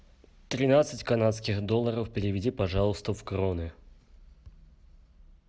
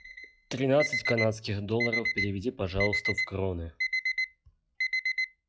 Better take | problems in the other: first | noise reduction (classical method log-MMSE)

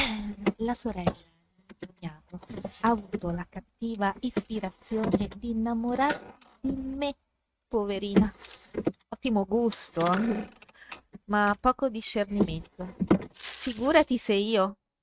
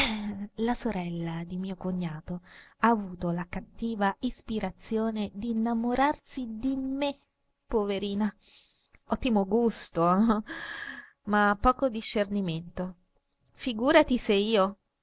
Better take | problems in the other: second | noise reduction (neural mask model RNNoise)

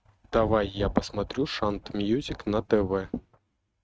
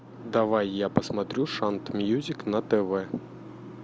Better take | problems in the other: second | noise reduction (neural mask model RNNoise)

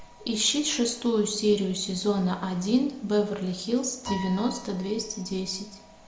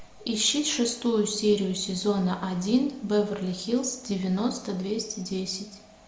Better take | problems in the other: second | background sound (Piano); 19 dB below the speech

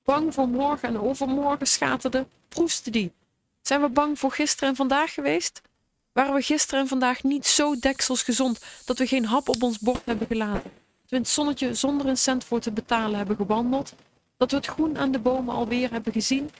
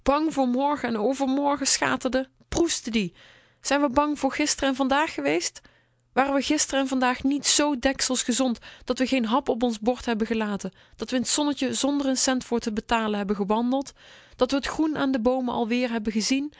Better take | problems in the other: second | noise reduction (neural mask model RNNoise)

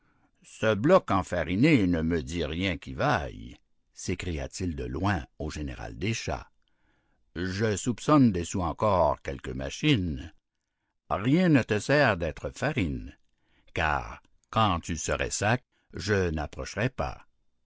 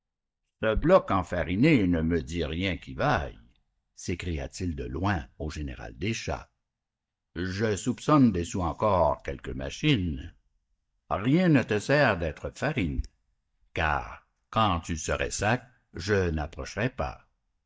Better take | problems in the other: first | noise reduction (neural mask model DeepFilterNet 3)

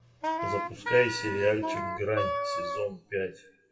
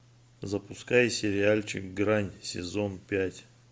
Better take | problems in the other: second | noise reduction (classical method WPE with log-MMSE)

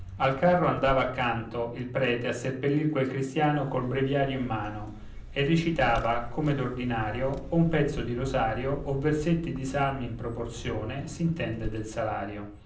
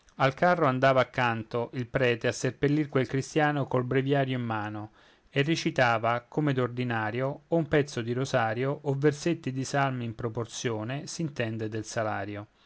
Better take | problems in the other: second | background sound (Vehicle); 12 dB below the speech // room echo; dies away in 0.6 s

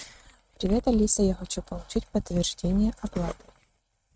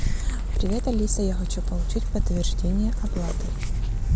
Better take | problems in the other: second | noise reduction (neural mask model RNNoise)

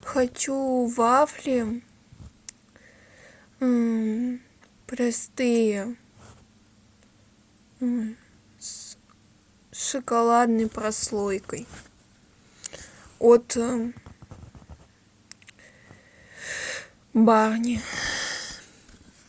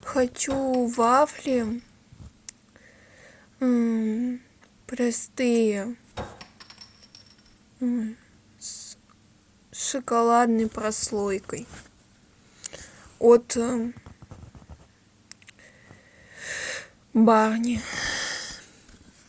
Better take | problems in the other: first | background sound (Chink, clink); 18 dB below the speech

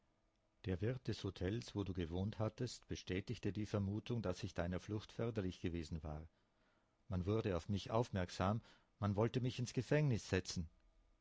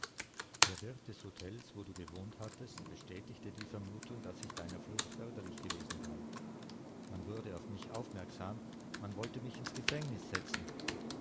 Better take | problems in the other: first | background sound (Computer keyboard); 4 dB above the speech

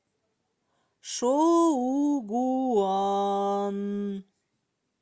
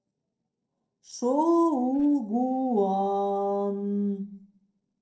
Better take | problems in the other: first | noise reduction (neural separator model SepFormer DNS4)

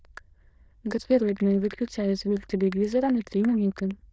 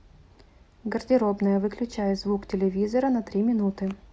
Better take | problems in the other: second | noise reduction (neural diffusion model UNIVERSE++)

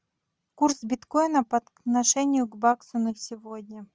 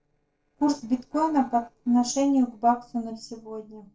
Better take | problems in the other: first | noise reduction (neural separator model SepFormer DNS4)

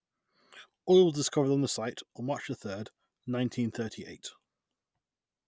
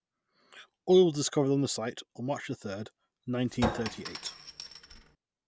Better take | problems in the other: first | background sound (Chink, clink); 7 dB below the speech

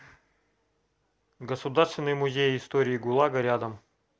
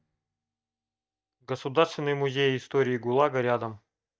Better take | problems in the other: first | noise reduction (neural mask model DeepFilterNet 3)

